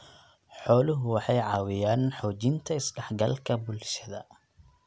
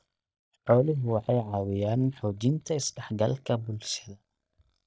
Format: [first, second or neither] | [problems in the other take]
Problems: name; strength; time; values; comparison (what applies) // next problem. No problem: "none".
first | noise reduction (neural mask model DeepFilterNet 3)